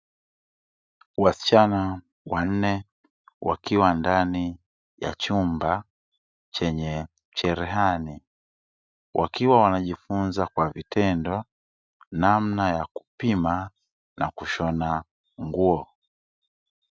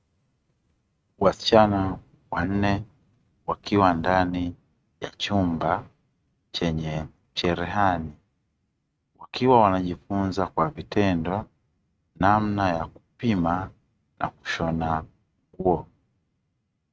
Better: first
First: none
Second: noise reduction (neural mask model RNNoise)

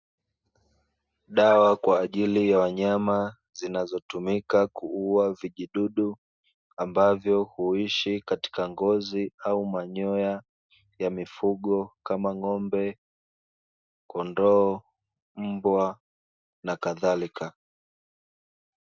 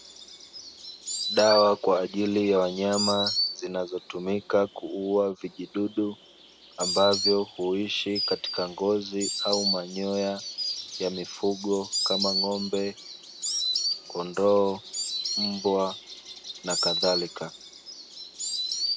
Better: first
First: none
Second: background sound (Insect); 5 dB below the speech

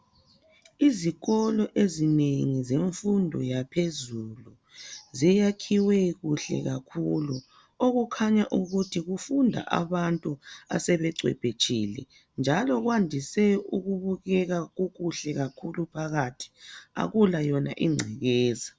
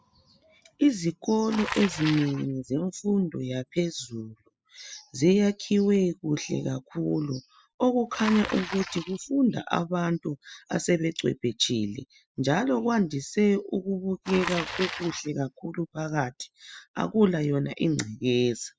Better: first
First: none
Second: noise reduction (classical method spectral subtraction)

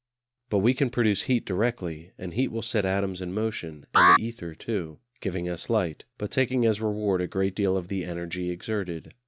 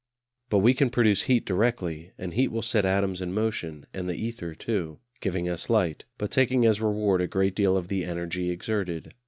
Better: second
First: background sound (Alarm); 2 dB above the speech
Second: none

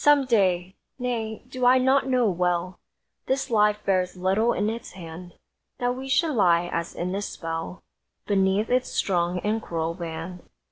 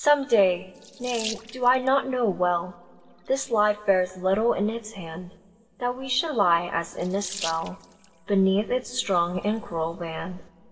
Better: first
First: none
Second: background sound (Sink (filling or washing) / Water tap, faucet); 19 dB below the speech // room echo; dies away in 1.6 s

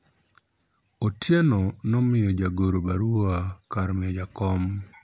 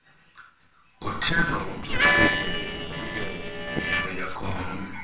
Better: first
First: none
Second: noise reduction (neural separator model SepFormer WHAMR!)

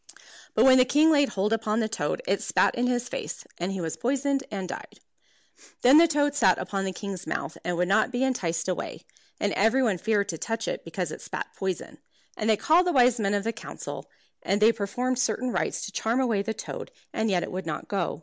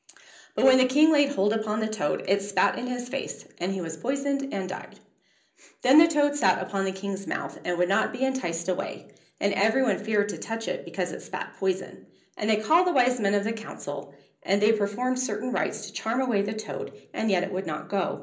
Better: first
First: none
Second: room echo; dies away in 0.5 s

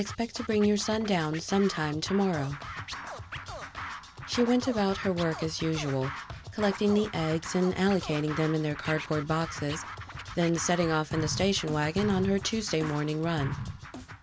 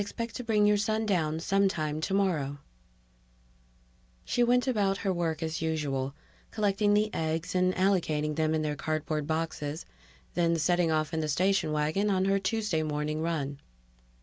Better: second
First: background sound (Scratching (performance technique)); 10 dB below the speech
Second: none

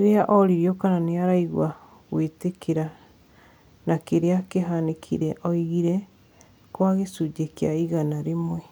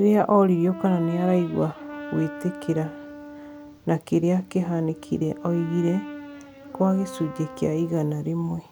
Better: first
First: none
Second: background sound (Brass instrument); 15 dB below the speech

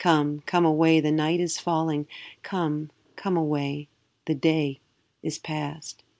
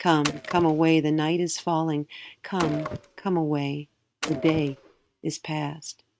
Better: first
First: none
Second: noise reduction (neural mask model RNNoise)

